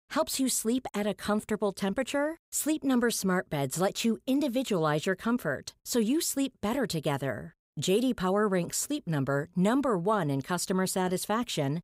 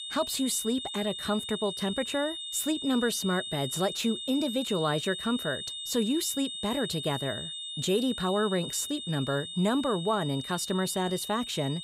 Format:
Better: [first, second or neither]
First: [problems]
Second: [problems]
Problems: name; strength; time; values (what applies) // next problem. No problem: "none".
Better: first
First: none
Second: high-pitched whine; loud; throughout; 3.5 kHz, 6 dB below the speech